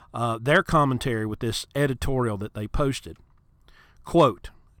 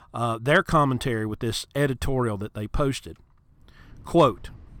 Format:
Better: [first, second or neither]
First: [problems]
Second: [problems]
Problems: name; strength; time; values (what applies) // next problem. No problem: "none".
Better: first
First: none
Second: rain or running water; faint; at 4 s; 25 dB below the speech